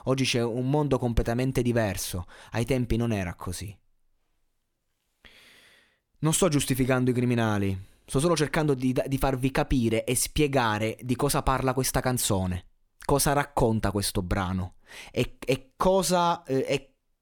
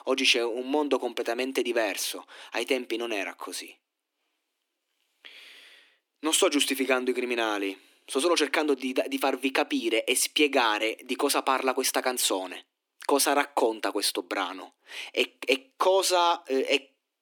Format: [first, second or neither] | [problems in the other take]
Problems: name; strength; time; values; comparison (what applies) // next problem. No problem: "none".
first | thin; somewhat; fading below 250 Hz